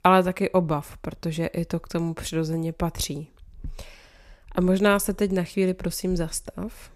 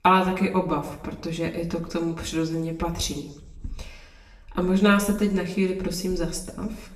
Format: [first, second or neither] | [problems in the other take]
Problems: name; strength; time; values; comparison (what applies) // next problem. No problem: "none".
first | room echo; slight; dies away in 0.7 s // off-mic speech; far